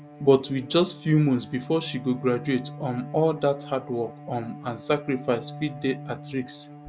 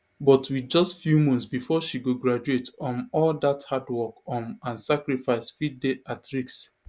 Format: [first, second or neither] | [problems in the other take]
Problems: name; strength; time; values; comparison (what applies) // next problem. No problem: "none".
second | background sound (Bowed string instrument); 15 dB below the speech